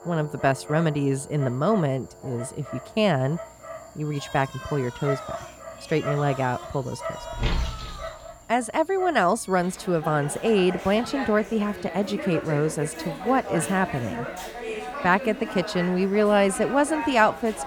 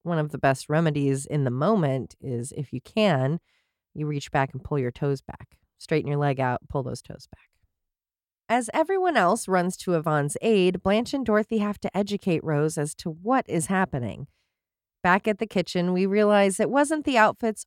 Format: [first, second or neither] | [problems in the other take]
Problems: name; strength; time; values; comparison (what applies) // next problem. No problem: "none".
second | animal sounds; noticeable; throughout; 10 dB below the speech